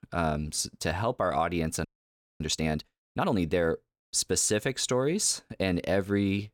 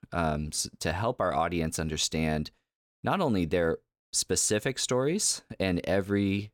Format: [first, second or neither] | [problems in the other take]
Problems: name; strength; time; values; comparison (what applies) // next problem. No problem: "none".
second | audio freezing; at 2 s for 0.5 s